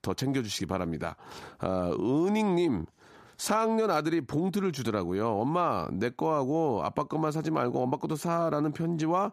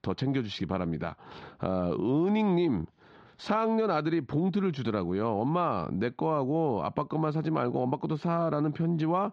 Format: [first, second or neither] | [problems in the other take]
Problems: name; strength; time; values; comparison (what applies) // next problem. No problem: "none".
first | muffled; very slightly; fading above 4 kHz